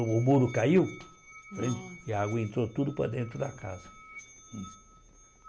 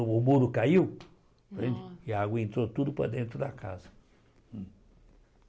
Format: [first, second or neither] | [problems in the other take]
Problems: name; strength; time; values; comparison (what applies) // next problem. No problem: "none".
second | background sound (Musical instrument); 20 dB below the speech